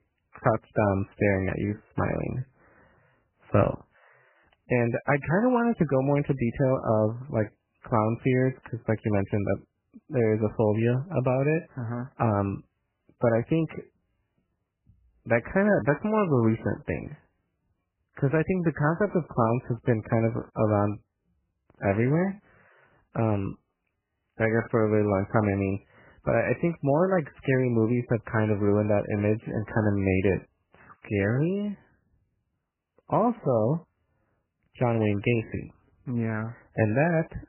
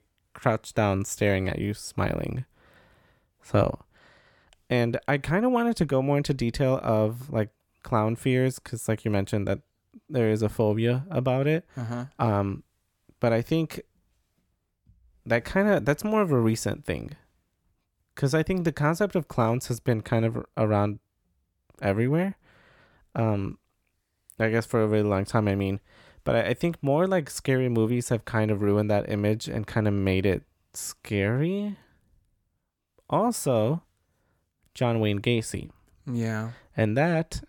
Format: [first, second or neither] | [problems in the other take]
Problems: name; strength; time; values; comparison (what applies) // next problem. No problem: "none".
second | garbled, watery; badly; nothing above 2.5 kHz